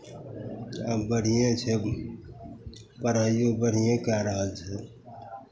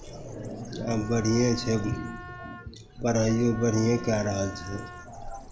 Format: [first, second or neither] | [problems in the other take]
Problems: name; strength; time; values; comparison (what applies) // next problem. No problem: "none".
first | background sound (Wind instrument, woodwind instrument + Bird); 14 dB below the speech